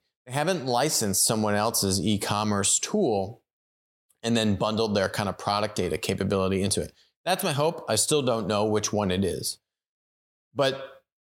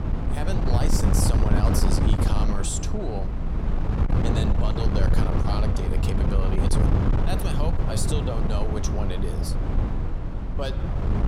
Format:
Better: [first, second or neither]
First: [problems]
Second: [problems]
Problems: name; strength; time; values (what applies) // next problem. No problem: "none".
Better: first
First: none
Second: wind noise on the microphone; heavy; as loud as the speech